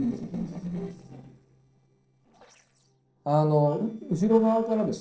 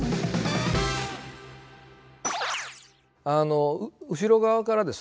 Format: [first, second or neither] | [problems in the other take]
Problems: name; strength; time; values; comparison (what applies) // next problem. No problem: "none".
second | noise reduction (neural separator model SepFormer DNS4)